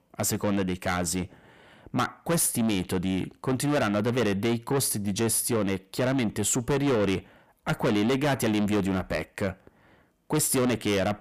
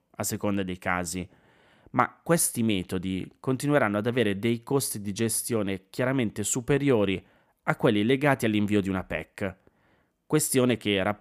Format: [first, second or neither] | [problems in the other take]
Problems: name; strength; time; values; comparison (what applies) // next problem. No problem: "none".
second | distortion; heavy; 6 dB below the speech